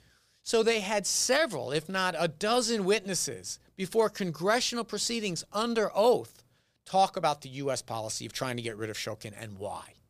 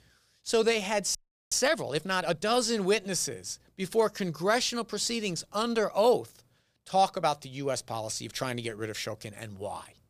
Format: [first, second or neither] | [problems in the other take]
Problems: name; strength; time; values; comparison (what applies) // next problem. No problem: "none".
first | audio freezing; at 1 s